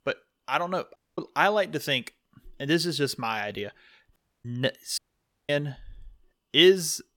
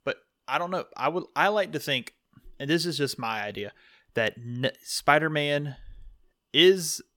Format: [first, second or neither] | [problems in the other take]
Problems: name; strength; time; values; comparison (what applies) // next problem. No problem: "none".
second | audio cutting out; at 1 s, at 4 s and at 5 s for 0.5 s